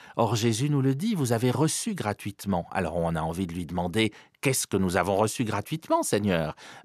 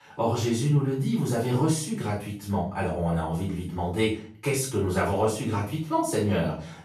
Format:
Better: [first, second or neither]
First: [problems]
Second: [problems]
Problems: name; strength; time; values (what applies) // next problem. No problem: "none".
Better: first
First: none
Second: off-mic speech; far // room echo; noticeable; dies away in 0.4 s